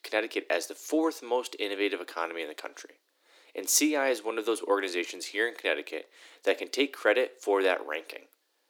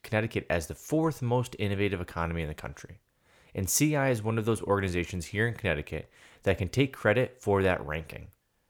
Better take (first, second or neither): second